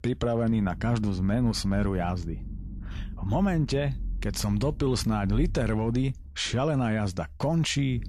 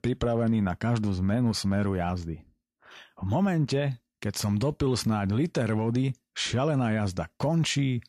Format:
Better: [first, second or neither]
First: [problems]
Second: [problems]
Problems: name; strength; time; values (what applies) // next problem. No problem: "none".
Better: second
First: low rumble; faint; throughout; 20 dB below the speech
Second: none